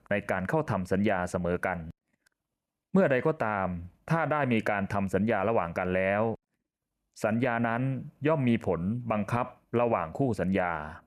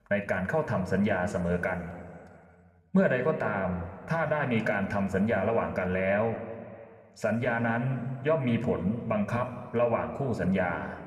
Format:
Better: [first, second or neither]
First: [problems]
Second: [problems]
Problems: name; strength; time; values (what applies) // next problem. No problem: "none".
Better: first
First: none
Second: room echo; slight; dies away in 1.8 s